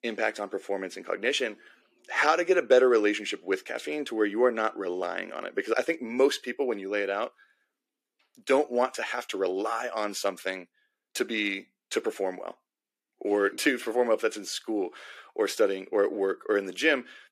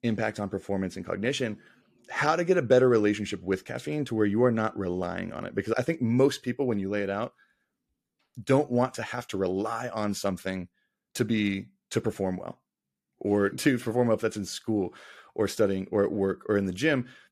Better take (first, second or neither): second